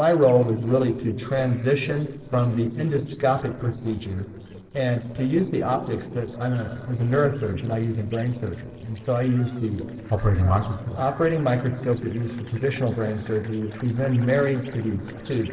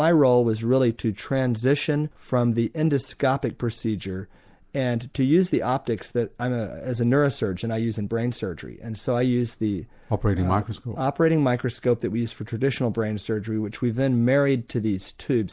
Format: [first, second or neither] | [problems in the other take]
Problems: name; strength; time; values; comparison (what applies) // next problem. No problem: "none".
second | noise reduction (neural separator model SepFormer DNS4)